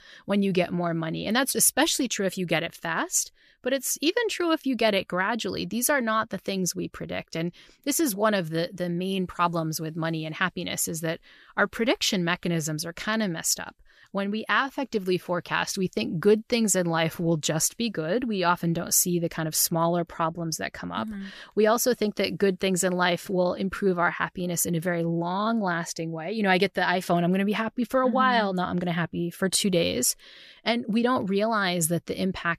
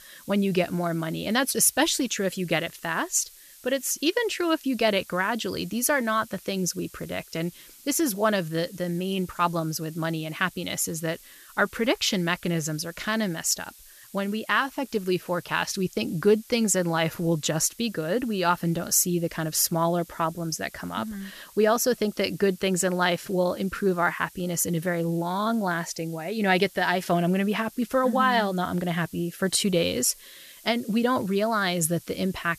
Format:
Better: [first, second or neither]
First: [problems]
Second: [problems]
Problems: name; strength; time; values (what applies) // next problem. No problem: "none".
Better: first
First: none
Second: hiss; faint; throughout; 20 dB below the speech